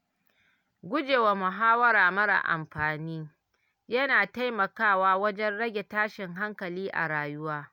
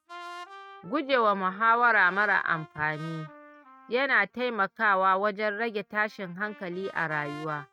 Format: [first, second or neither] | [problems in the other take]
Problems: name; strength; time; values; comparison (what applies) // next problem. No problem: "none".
first | noise reduction (neural mask model RNNoise)